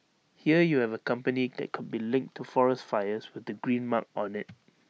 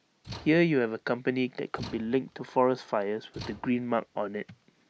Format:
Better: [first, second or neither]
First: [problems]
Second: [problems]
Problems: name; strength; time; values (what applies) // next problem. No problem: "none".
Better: first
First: none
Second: background sound (Slam / Tools); 19 dB below the speech